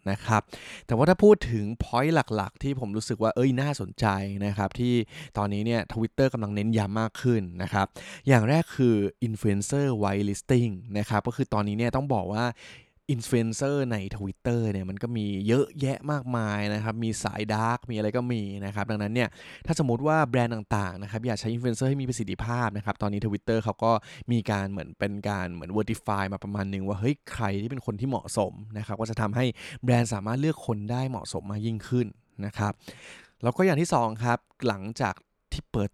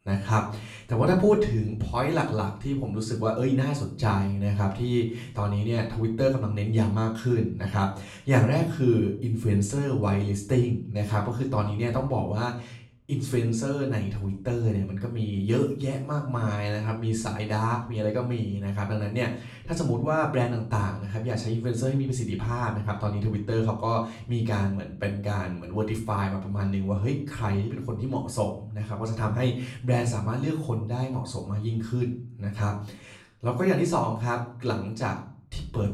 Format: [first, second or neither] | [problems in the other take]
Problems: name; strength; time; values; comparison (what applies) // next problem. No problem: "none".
first | off-mic speech; far // room echo; slight; dies away in 0.4 s